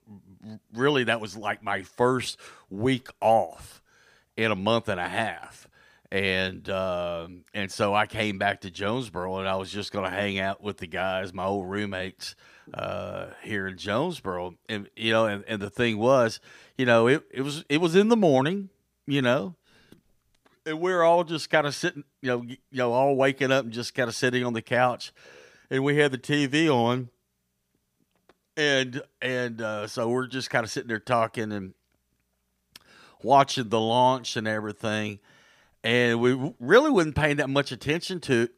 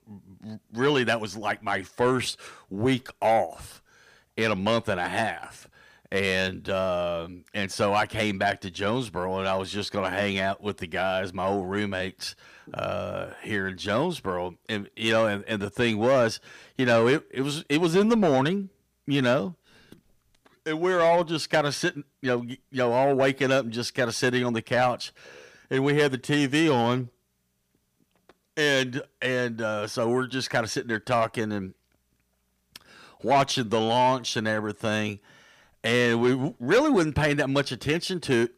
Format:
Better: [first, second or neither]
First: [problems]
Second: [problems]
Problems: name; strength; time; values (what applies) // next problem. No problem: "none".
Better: first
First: none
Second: distortion; slight; 10 dB below the speech